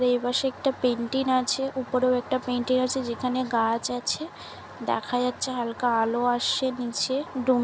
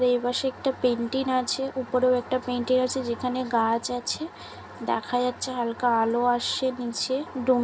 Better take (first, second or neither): first